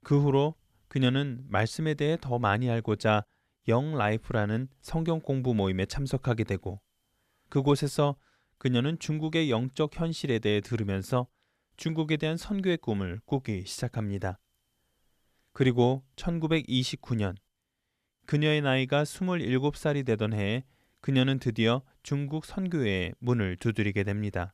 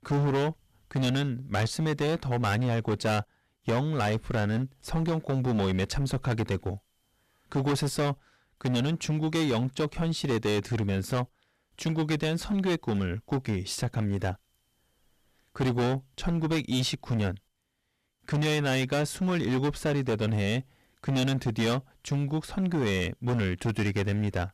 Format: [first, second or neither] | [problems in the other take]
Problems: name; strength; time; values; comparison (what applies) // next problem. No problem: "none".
first | distortion; heavy; 16% of the sound clipped